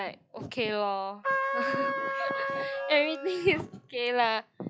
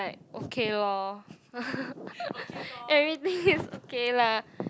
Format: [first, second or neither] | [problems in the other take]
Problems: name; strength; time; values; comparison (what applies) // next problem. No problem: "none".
second | noise reduction (classical method log-MMSE)